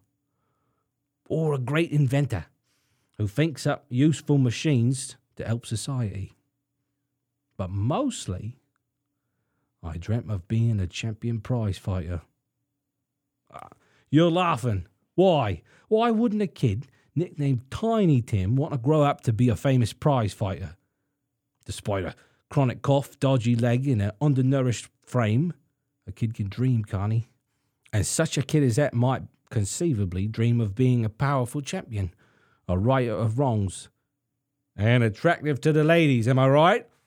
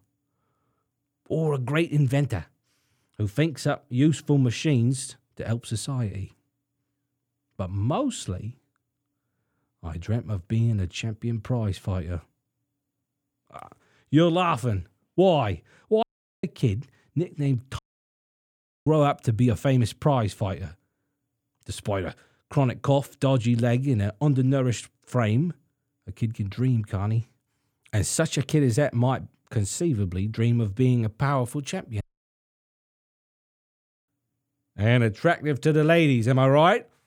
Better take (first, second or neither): first